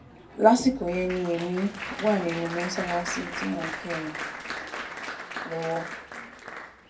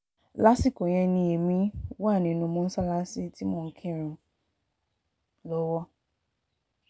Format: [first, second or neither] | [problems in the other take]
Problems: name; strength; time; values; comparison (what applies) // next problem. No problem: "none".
second | background sound (Applause); 8 dB below the speech // room echo; dies away in 0.2 s